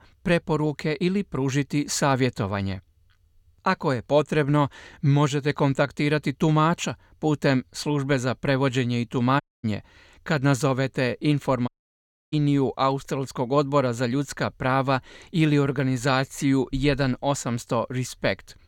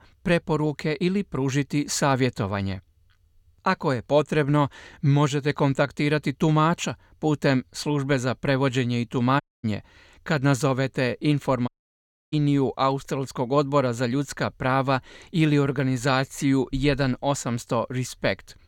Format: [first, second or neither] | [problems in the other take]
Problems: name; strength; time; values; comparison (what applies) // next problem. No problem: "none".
neither | audio cutting out; at 9.5 s and at 12 s for 0.5 s; the same in both